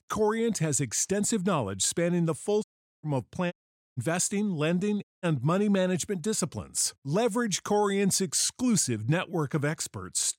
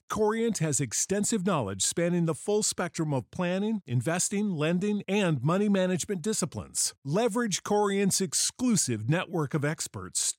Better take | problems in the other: second | audio cutting out; at 2.5 s, at 3.5 s and at 5 s

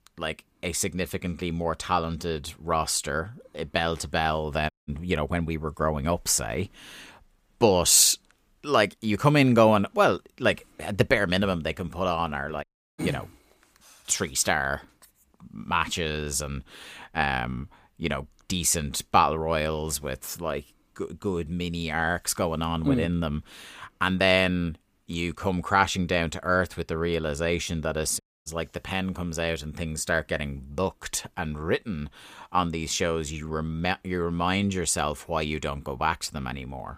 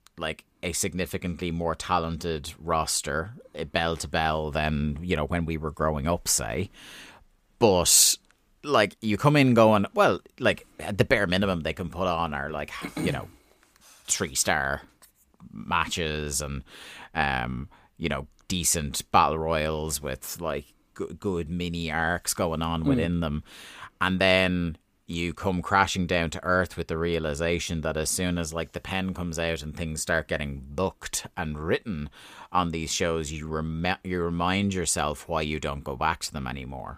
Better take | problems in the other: second | audio cutting out; at 4.5 s, at 13 s and at 28 s

